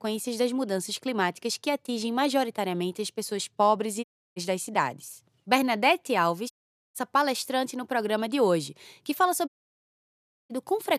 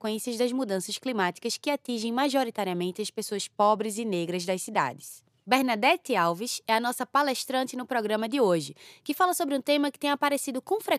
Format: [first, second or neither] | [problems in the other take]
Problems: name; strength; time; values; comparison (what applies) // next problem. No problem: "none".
second | audio cutting out; at 4 s, at 6.5 s and at 9.5 s for 1 s